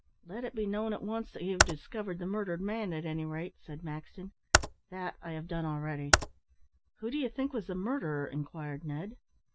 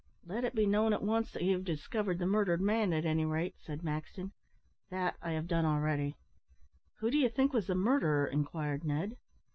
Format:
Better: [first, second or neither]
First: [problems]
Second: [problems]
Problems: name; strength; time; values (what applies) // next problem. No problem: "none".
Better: second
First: background sound (Computer keyboard); 4 dB above the speech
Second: none